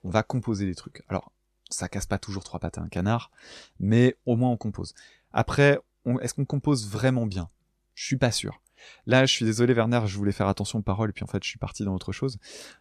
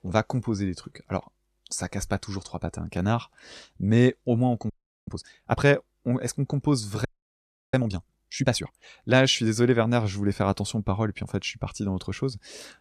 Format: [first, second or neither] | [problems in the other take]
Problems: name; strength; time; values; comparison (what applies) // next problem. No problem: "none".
first | audio freezing; at 4.5 s and at 7 s for 0.5 s